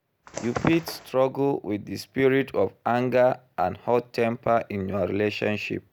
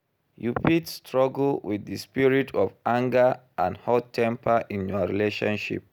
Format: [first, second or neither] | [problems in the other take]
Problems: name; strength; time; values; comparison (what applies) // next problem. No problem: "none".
second | background sound (Bird); 15 dB below the speech